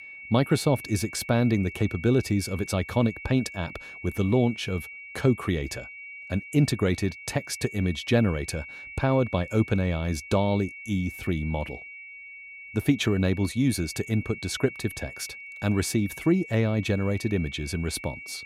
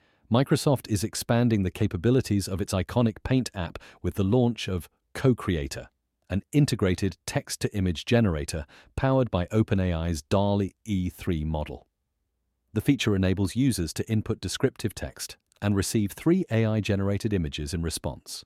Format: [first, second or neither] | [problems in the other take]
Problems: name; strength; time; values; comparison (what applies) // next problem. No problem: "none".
second | high-pitched whine; noticeable; throughout; 2 kHz, 15 dB below the speech